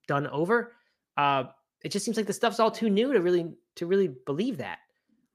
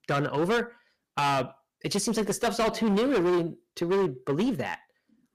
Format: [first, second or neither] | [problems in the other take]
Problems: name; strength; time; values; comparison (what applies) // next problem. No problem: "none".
first | distortion; heavy; 16% of the sound clipped